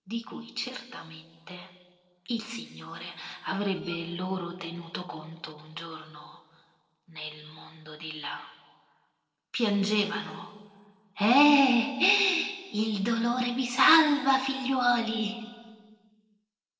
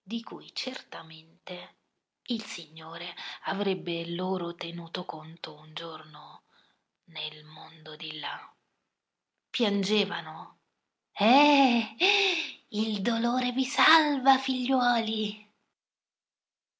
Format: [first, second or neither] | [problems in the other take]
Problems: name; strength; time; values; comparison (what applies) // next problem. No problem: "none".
second | noise reduction (neural separator model SepFormer DNS4)